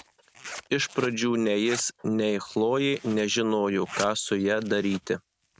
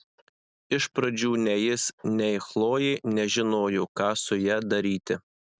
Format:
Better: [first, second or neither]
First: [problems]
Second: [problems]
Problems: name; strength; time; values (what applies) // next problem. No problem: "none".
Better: second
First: background sound (Zipper (clothing)); 17 dB below the speech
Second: none